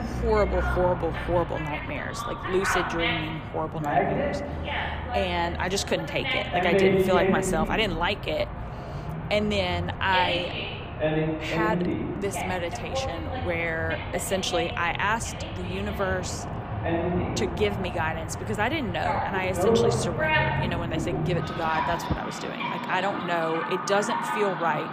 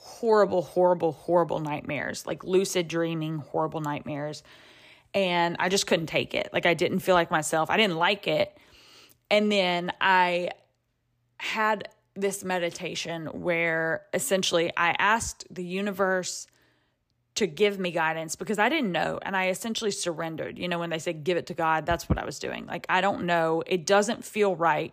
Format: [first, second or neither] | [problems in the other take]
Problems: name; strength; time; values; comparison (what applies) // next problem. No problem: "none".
second | animal sounds; loud; throughout; as loud as the speech